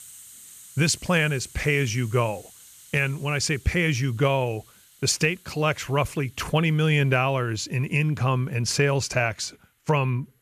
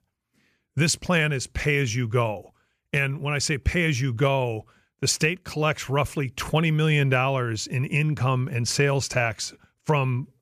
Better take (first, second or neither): second